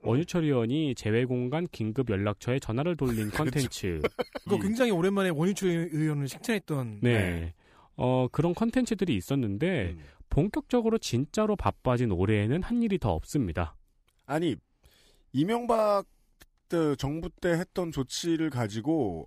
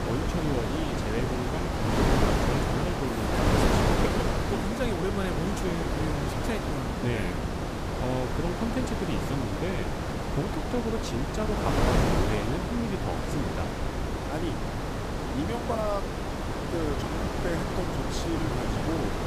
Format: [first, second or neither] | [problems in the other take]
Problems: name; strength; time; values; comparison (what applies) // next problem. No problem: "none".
first | wind noise on the microphone; heavy; 4 dB above the speech